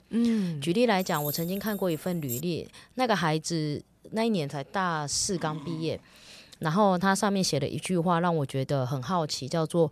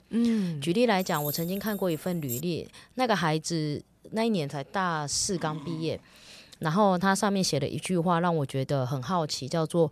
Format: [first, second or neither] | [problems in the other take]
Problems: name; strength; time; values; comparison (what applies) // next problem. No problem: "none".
neither | jangling keys; noticeable; from 1 to 2.5 s; peak 7 dB below the speech; the same in both // dog barking; faint; at 5.5 s; peak 15 dB below the speech; the same in both